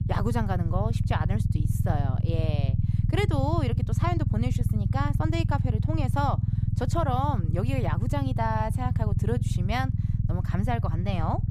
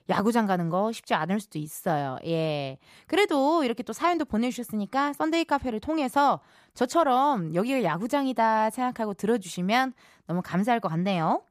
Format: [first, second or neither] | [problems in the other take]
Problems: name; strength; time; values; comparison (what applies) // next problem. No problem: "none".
second | low rumble; loud; throughout; 8 dB below the speech